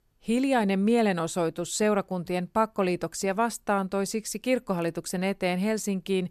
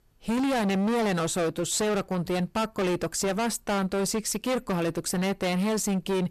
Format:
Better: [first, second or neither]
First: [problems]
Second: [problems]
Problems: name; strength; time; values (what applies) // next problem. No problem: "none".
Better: first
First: none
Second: distortion; heavy; 30% of the sound clipped